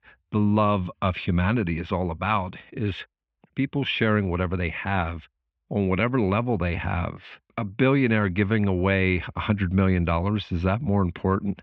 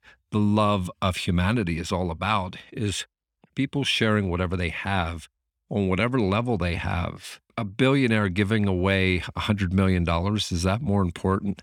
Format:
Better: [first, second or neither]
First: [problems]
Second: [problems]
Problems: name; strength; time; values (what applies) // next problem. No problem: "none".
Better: second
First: muffled; very; fading above 3 kHz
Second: none